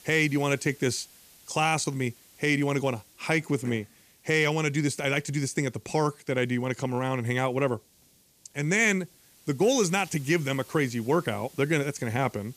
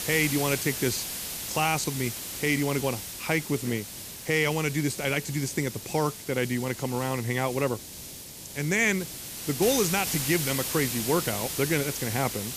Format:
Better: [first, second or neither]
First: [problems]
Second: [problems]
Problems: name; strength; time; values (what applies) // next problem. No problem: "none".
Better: first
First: hiss; faint; throughout; 25 dB below the speech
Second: hiss; loud; throughout; 5 dB below the speech